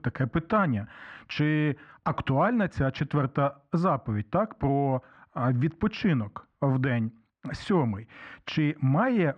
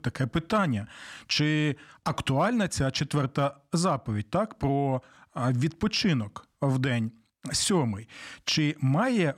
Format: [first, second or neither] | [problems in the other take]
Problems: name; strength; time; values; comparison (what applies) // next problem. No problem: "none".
second | muffled; very; fading above 1.5 kHz